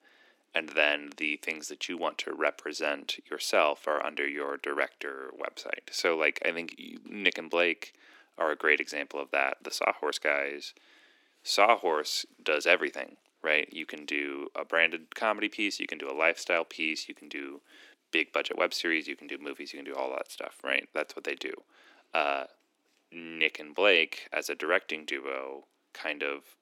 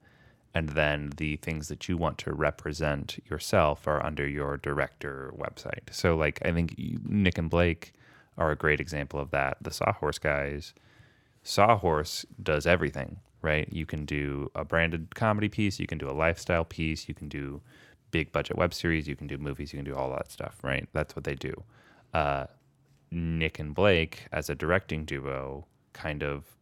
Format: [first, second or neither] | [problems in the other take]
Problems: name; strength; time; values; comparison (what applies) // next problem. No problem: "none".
second | thin; somewhat; fading below 300 Hz